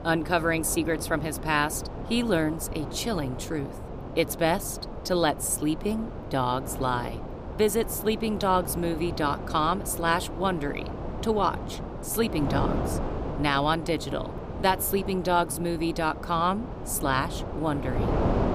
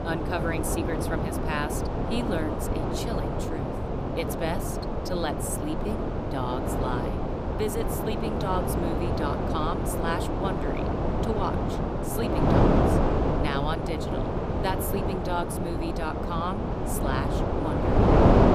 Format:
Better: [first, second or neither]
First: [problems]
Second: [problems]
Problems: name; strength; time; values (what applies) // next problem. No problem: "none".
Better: first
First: wind noise on the microphone; occasional gusts; 10 dB below the speech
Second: wind noise on the microphone; heavy; 3 dB above the speech